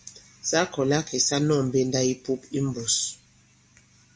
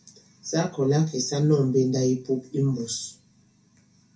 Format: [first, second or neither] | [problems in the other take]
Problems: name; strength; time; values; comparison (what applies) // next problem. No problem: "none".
first | room echo; dies away in 0.3 s